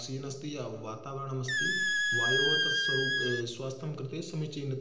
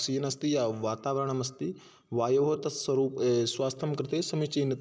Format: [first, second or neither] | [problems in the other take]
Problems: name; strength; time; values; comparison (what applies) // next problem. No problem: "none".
second | background sound (Squeak); 3 dB above the speech // room echo; dies away in 0.9 s